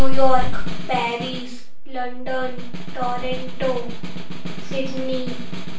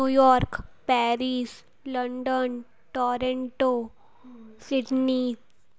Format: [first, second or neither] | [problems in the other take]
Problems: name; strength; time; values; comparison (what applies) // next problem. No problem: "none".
second | background sound (Snare drum); 19 dB below the speech // room echo; dies away in 0.3 s